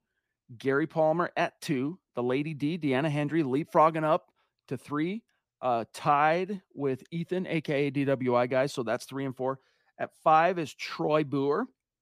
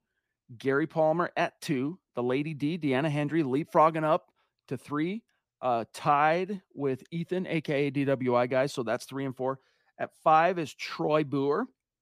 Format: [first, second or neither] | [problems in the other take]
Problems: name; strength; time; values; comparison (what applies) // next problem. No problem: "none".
neither | none